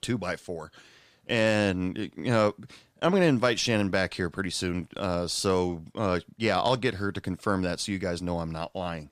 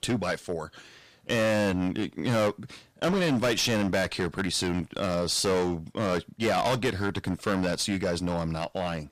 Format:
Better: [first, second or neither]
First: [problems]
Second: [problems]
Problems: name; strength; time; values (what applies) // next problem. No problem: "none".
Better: first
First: none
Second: distortion; heavy; 12% of the sound clipped